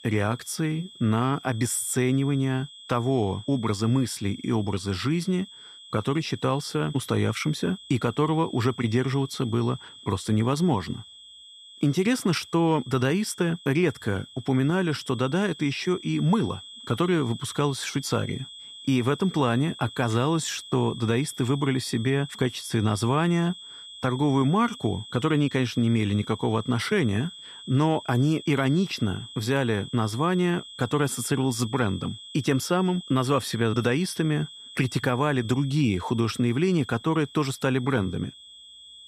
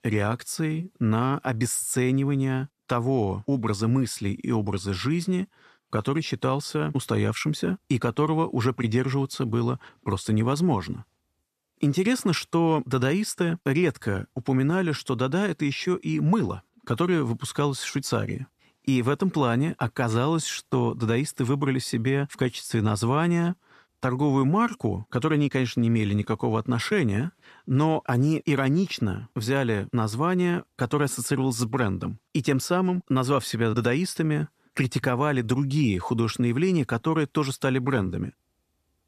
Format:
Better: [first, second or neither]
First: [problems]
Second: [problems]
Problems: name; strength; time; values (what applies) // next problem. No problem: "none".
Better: second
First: high-pitched whine; noticeable; throughout; 3.5 kHz, 15 dB below the speech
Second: none